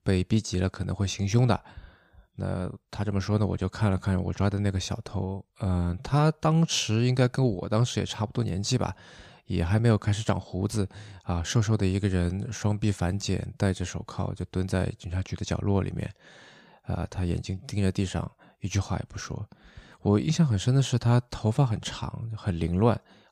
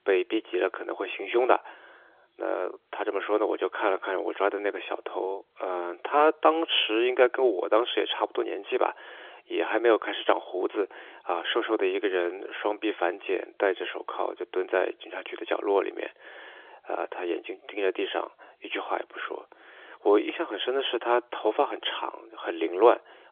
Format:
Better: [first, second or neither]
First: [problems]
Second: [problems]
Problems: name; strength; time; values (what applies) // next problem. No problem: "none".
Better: first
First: none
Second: phone-call audio; nothing above 3.5 kHz